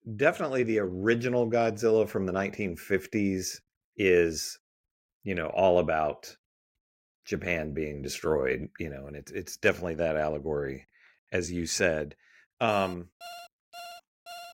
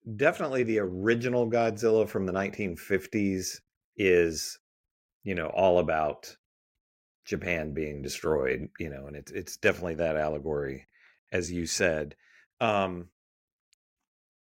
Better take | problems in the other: second | alarm; faint; from 13 s on; peak 15 dB below the speech

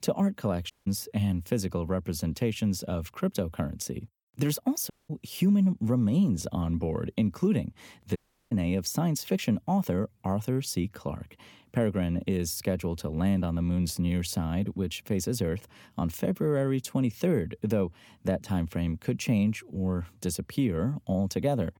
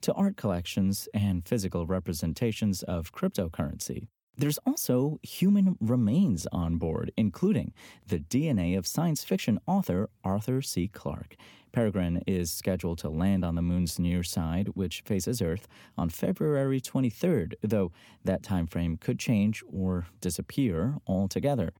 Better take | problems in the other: second | audio cutting out; at 0.5 s, at 5 s and at 8 s

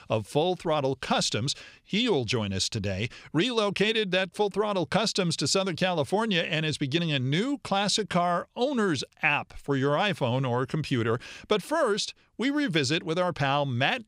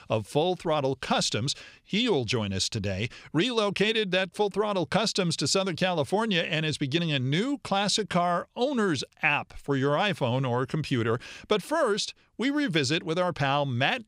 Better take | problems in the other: neither | none

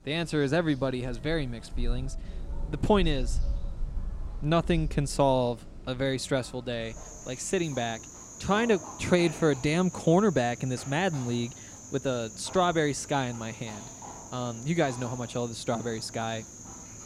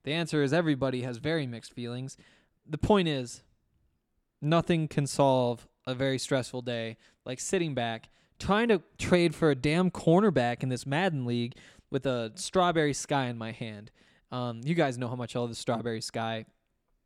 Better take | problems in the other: second | animal sounds; noticeable; throughout; 15 dB below the speech

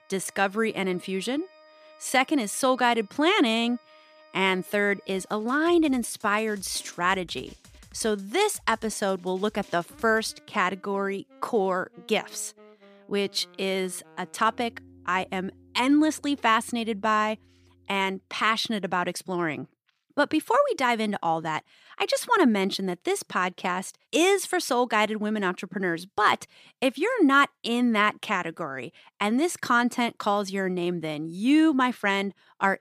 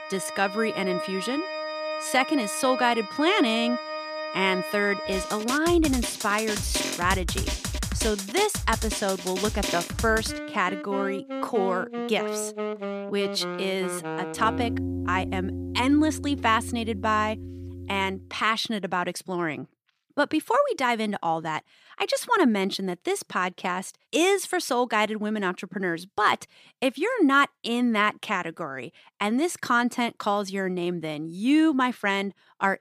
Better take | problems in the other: first | background music; loud; until 18 s; 6 dB below the speech; faint in the first

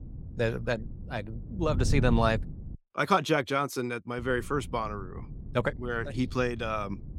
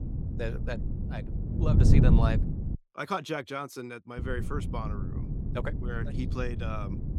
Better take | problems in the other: first | wind noise on the microphone; heavy; until 3 s and from 4 s on; 4 dB below the speech; occasional gusts in the first

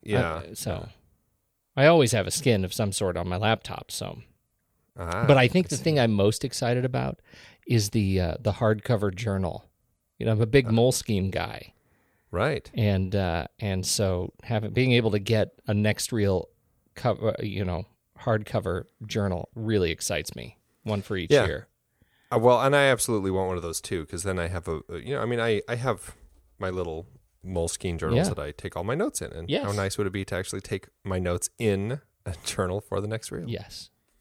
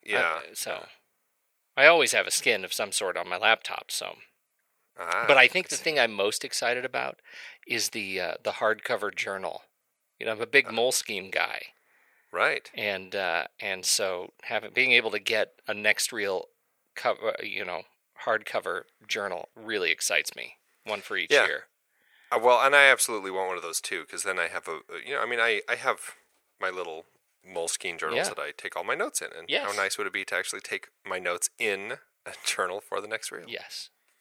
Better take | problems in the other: first | thin; very; fading below 600 Hz

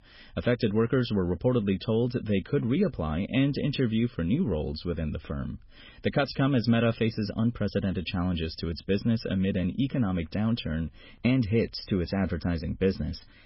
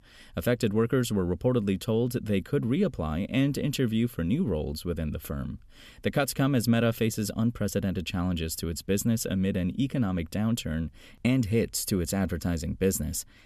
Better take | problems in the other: second | garbled, watery; badly; nothing above 5.5 kHz

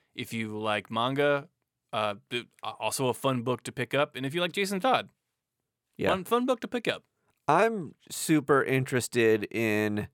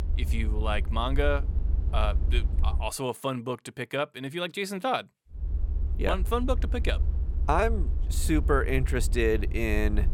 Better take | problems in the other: first | low rumble; noticeable; until 3 s and from 5.5 s on; 20 dB below the speech

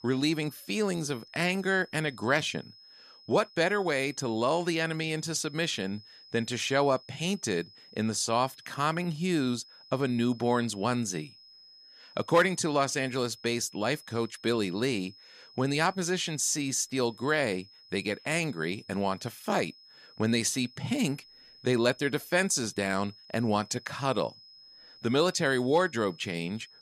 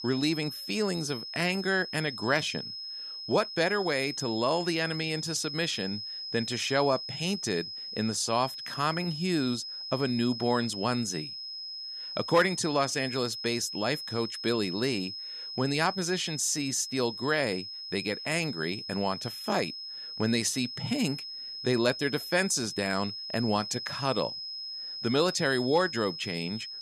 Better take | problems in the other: first | high-pitched whine; loud; throughout; 5 kHz, 7 dB below the speech; faint in the first

